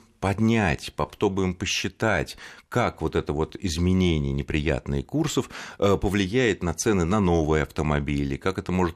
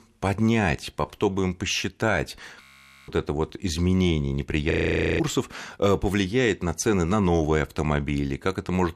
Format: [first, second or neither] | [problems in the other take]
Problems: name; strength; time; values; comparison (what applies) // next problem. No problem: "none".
first | audio freezing; at 2.5 s and at 4.5 s